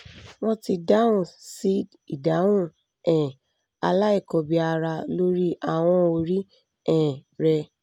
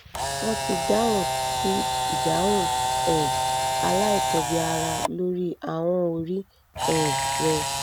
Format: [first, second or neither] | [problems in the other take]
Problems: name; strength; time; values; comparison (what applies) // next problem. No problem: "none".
first | background sound (Camera); 1 dB above the speech